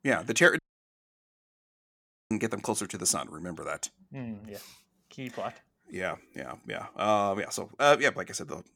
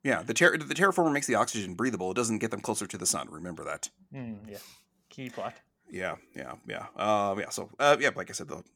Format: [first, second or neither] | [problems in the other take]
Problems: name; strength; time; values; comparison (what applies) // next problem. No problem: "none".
second | audio cutting out; at 0.5 s for 1.5 s